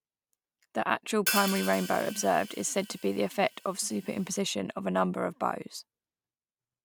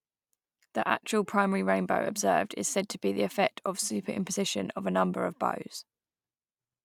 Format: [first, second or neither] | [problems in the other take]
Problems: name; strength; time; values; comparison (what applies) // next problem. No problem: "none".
second | background sound (Crash cymbal / Hi-hat); 7 dB below the speech